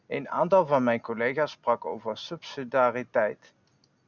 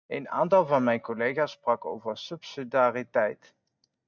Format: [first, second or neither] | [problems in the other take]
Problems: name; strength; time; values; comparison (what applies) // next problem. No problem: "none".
first | noise reduction (neural mask model DeepFilterNet 3)